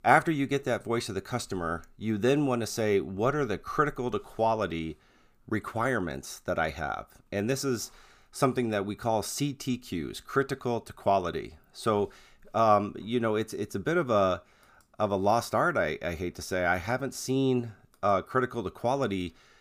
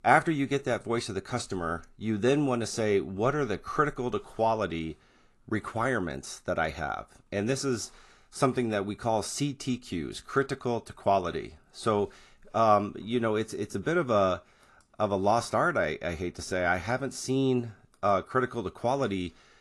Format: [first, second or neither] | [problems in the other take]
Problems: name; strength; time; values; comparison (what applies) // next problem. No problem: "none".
first | garbled, watery; slightly; nothing above 11 kHz